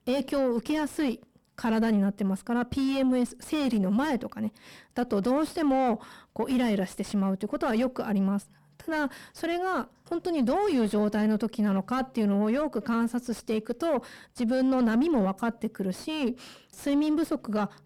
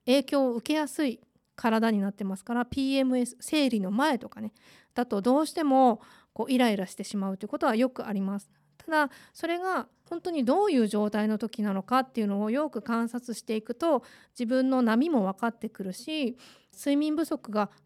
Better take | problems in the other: second | distortion; heavy; 7 dB below the speech

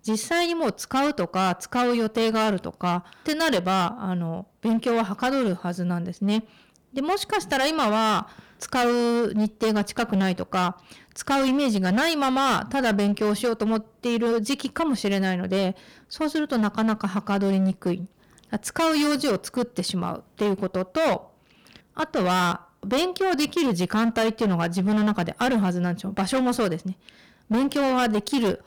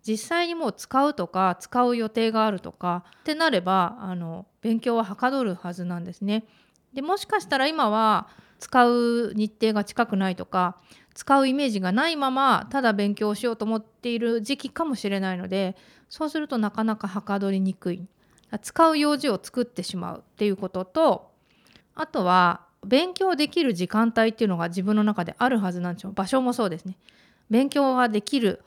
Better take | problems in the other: second | distortion; heavy; 18% of the sound clipped

